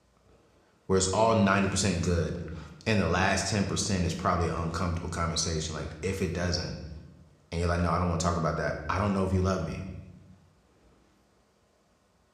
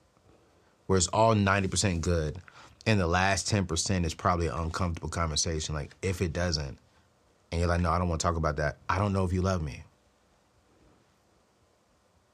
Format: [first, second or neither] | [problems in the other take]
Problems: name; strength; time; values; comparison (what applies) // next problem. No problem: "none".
second | room echo; slight; dies away in 0.8 s